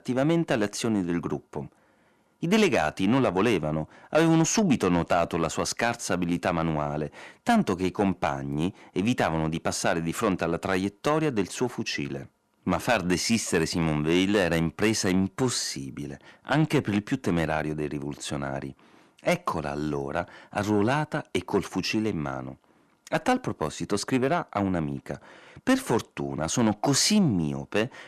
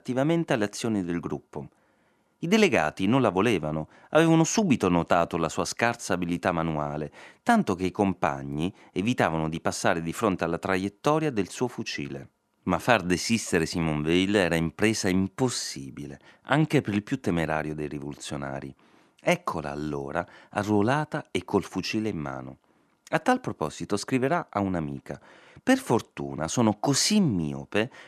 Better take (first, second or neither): second